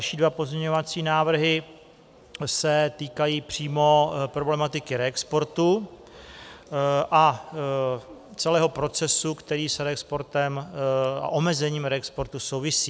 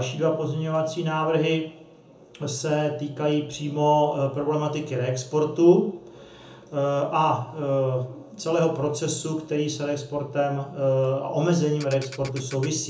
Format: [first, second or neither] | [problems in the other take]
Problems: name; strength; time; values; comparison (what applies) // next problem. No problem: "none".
first | background sound (Ratchet, pawl); 18 dB below the speech // room echo; dies away in 0.6 s